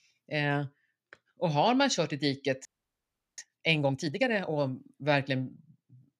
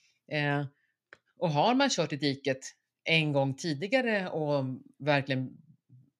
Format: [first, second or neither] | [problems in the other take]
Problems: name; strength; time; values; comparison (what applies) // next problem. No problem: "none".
second | audio freezing; at 2.5 s for 0.5 s